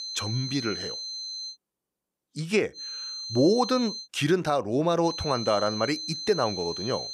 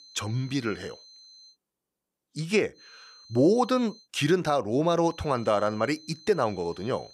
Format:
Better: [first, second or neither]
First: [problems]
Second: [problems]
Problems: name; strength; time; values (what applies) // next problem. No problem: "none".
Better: second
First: high-pitched whine; loud; until 1.5 s, from 3 to 4 s and from 5 s on; 4 kHz, 7 dB below the speech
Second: high-pitched whine; faint; until 1.5 s, from 3 to 4 s and from 5 s on; 4 kHz, 25 dB below the speech